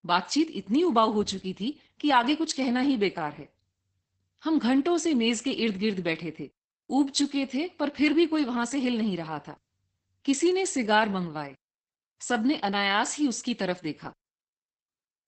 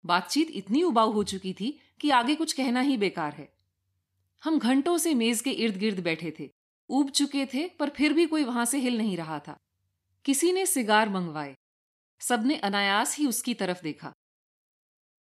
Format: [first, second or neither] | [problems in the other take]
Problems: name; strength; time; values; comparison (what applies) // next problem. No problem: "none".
second | garbled, watery; badly; nothing above 8 kHz